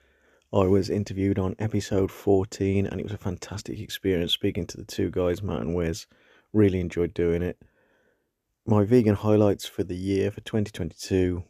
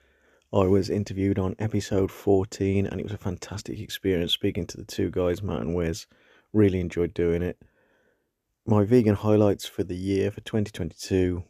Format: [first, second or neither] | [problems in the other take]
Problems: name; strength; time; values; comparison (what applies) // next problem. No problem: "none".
neither | none